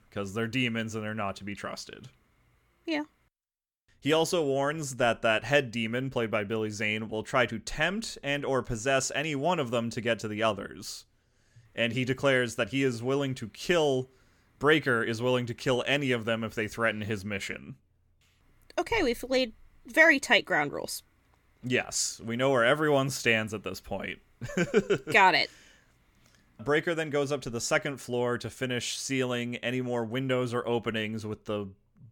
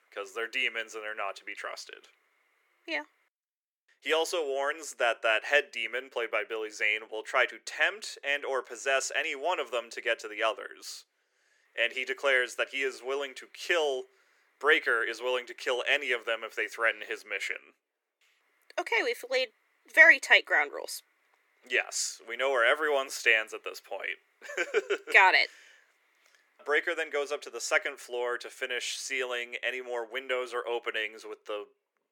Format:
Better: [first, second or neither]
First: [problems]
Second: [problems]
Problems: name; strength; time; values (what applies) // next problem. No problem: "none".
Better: first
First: none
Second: thin; very; fading below 350 Hz